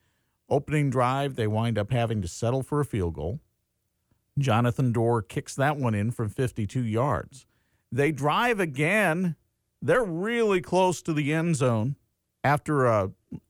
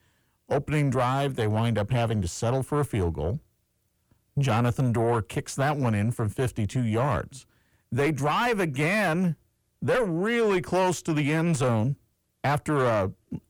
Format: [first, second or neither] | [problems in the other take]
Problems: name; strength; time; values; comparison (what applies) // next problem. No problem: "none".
first | distortion; slight; 10 dB below the speech